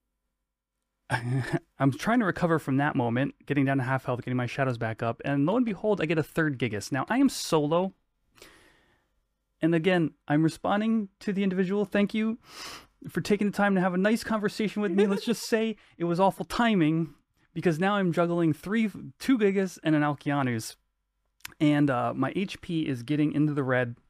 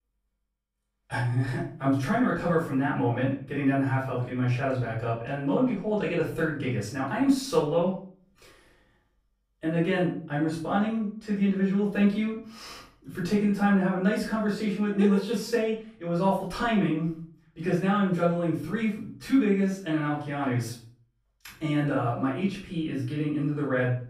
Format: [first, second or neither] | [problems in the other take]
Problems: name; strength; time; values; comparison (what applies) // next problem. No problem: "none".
first | off-mic speech; far // room echo; noticeable; dies away in 0.4 s